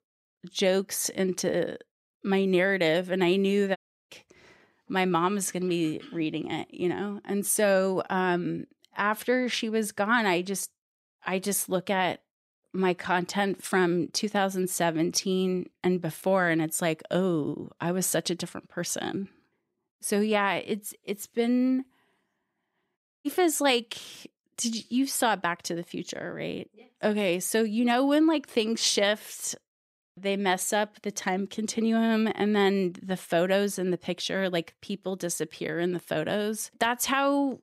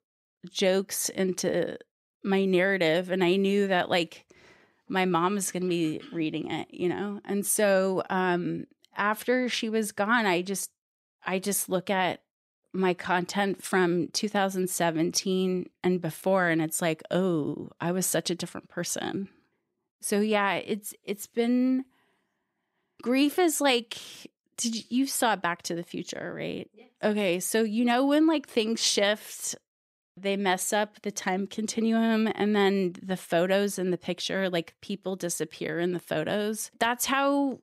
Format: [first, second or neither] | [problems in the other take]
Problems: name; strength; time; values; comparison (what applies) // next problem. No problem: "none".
second | audio cutting out; at 4 s and at 23 s